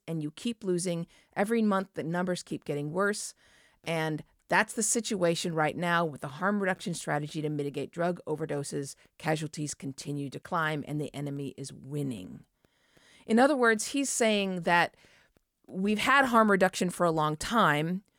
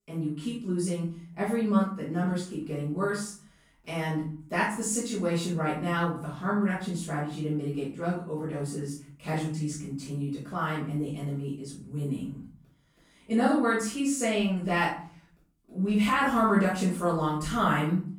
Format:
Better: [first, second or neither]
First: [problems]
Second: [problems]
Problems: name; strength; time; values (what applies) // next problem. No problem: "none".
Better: first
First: none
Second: off-mic speech; far // room echo; noticeable; dies away in 0.5 s